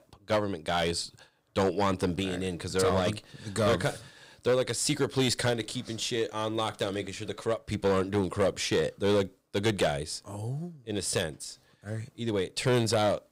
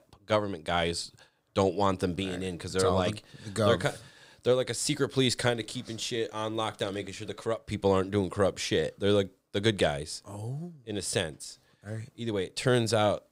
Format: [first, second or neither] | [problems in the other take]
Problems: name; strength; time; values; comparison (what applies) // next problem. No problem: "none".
second | distortion; slight; 4% of the sound clipped